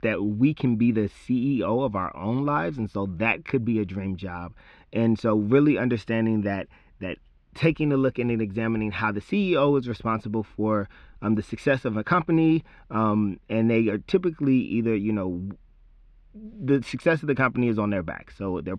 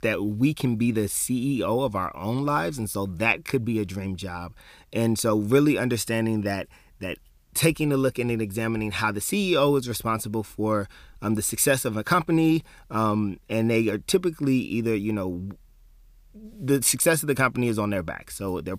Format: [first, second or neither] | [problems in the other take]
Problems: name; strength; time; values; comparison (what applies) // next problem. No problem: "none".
second | muffled; very; fading above 3 kHz